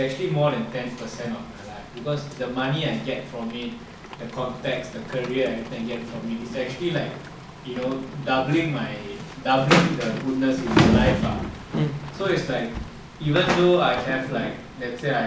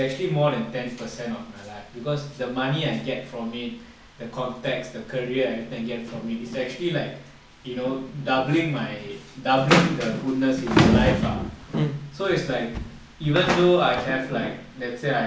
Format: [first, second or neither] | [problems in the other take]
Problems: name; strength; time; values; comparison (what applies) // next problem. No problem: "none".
second | background sound (Rain); 16 dB below the speech